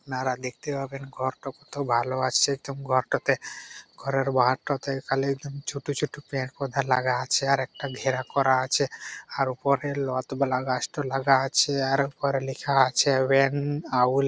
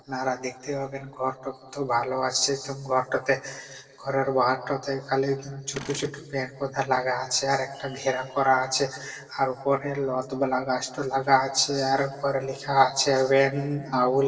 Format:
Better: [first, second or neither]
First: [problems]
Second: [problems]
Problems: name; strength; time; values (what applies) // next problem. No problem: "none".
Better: first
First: none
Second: noise reduction (neural separator model SepFormer DNS4)